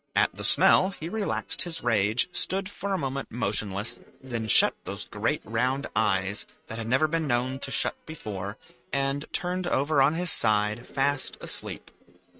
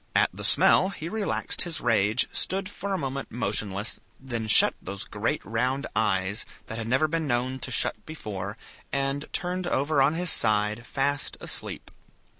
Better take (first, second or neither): second